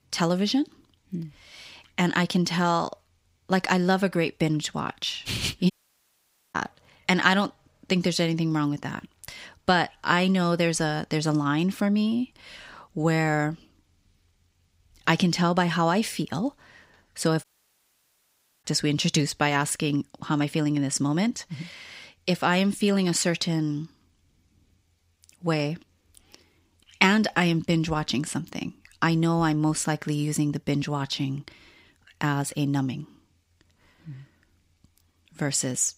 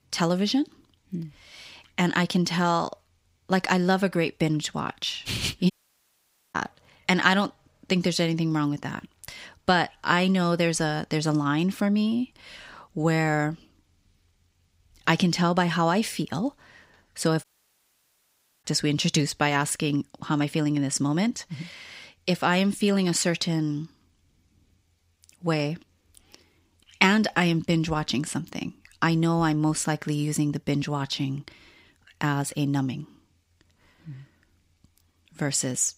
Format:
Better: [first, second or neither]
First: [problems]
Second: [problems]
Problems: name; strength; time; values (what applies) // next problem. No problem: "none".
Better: neither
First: audio cutting out; at 5.5 s for 1 s and at 17 s for 1 s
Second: audio cutting out; at 5.5 s for 1 s and at 17 s for 1 s